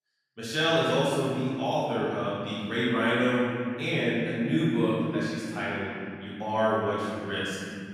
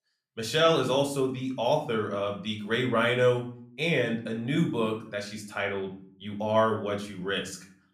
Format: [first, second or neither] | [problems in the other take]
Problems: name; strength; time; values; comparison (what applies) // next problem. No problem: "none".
second | room echo; strong; dies away in 2.6 s; slight in the second // off-mic speech; far; somewhat distant in the second